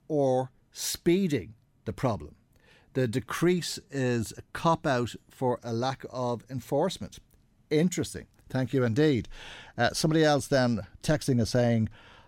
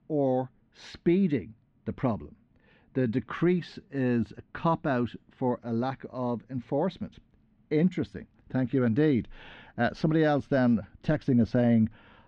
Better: first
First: none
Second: muffled; slightly; fading above 3 kHz

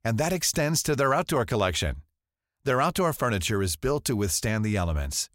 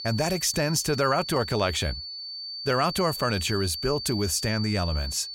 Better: first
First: none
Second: high-pitched whine; loud; throughout; 4.5 kHz, 7 dB below the speech

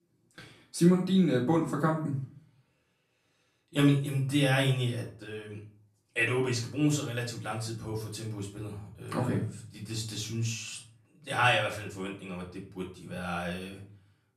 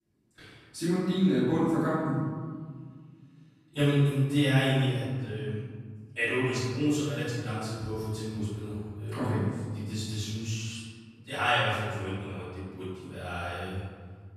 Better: first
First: room echo; slight; dies away in 0.4 s // off-mic speech; far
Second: room echo; strong; dies away in 1.9 s // off-mic speech; far

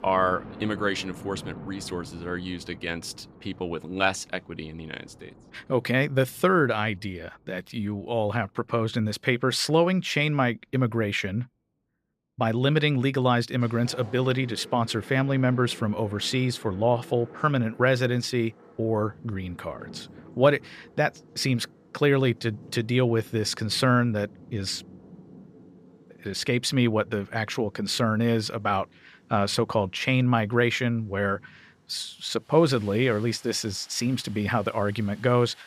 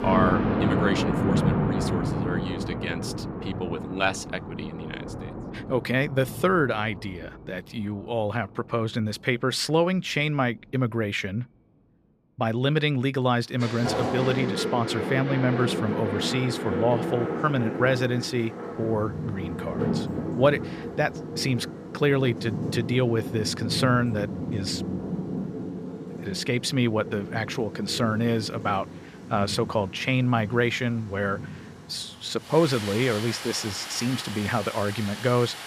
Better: first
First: rain or running water; faint; throughout; 20 dB below the speech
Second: rain or running water; loud; throughout; 4 dB below the speech

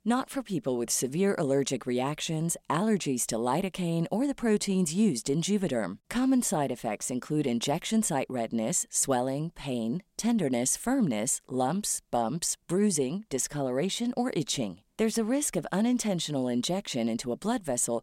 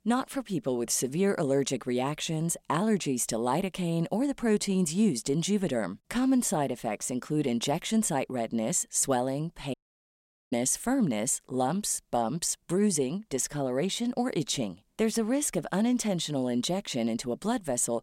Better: first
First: none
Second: audio cutting out; at 9.5 s for 1 s

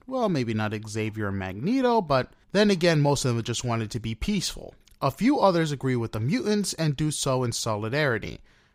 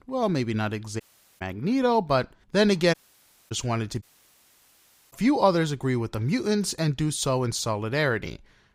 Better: first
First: none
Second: audio cutting out; at 1 s, at 3 s for 0.5 s and at 4 s for 1 s

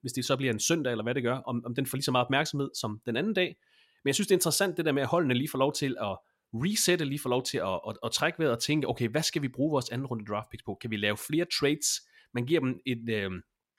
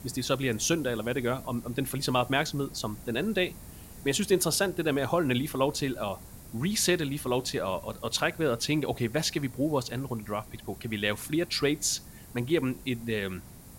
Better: first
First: none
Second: hiss; noticeable; throughout; 20 dB below the speech

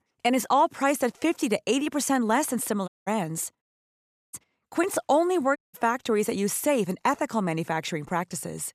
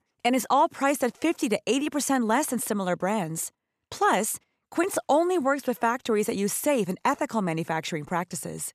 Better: second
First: audio cutting out; at 3 s, at 3.5 s for 0.5 s and at 5.5 s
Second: none

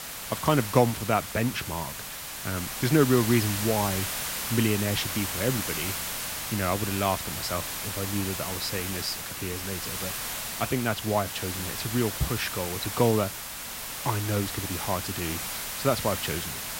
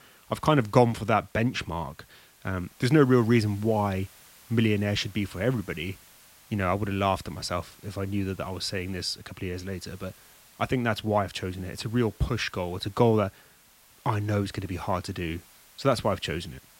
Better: second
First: hiss; loud; throughout; 3 dB below the speech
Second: hiss; faint; throughout; 25 dB below the speech

